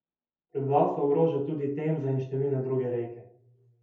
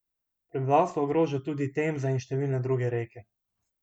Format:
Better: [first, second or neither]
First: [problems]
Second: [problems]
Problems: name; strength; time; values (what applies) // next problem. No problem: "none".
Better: second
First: room echo; dies away in 0.5 s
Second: none